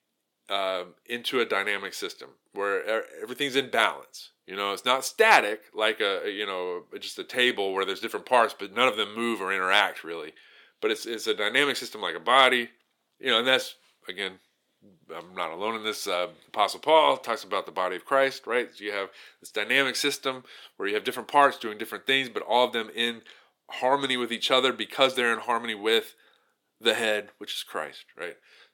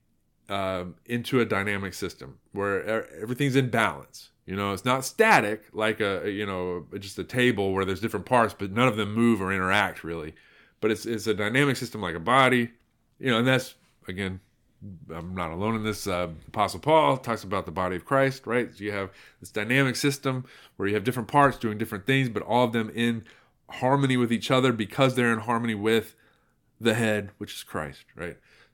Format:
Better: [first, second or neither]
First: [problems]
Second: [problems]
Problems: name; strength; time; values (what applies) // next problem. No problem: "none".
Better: second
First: thin; somewhat; fading below 500 Hz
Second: none